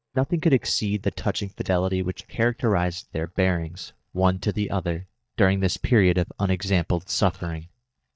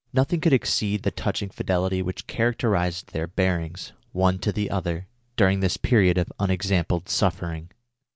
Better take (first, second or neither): second